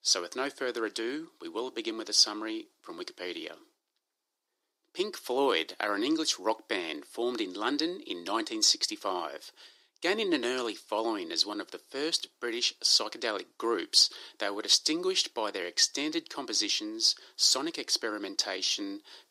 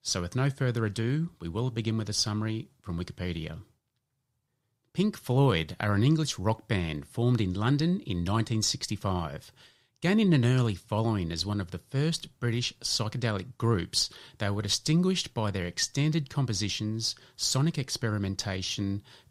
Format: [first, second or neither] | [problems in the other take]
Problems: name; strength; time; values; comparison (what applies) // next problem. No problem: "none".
second | thin; very; fading below 300 Hz